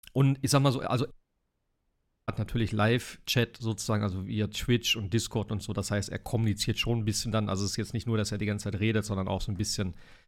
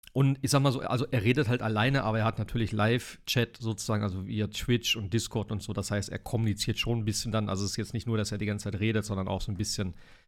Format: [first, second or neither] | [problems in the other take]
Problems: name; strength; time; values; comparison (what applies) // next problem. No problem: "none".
second | audio cutting out; at 1 s for 1 s